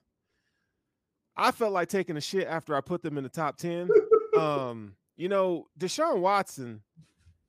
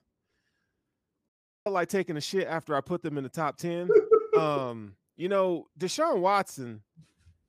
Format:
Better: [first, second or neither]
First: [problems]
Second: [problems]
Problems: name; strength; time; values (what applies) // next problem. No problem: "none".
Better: first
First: none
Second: audio cutting out; at 1.5 s